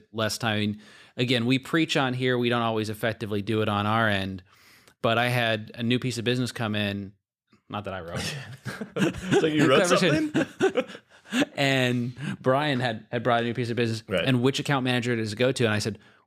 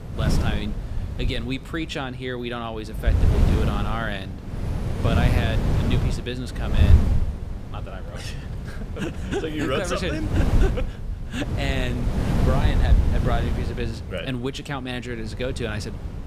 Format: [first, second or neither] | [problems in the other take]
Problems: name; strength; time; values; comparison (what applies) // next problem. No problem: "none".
first | wind noise on the microphone; heavy; 4 dB below the speech